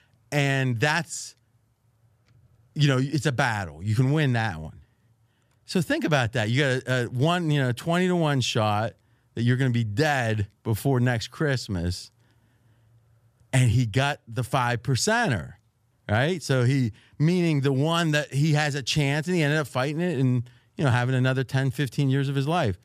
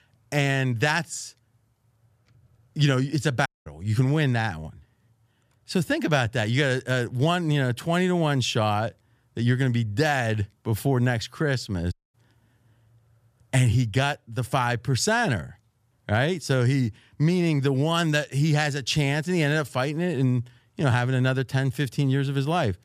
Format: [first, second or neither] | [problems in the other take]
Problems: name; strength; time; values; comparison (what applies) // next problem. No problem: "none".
first | audio cutting out; at 3.5 s and at 12 s